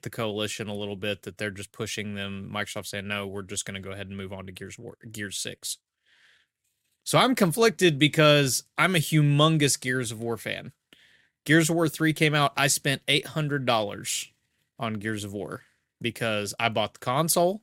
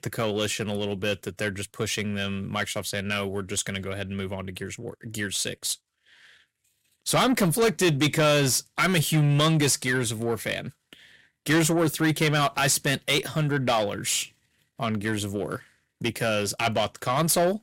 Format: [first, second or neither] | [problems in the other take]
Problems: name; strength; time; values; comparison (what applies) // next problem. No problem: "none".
first | distortion; heavy; 8 dB below the speech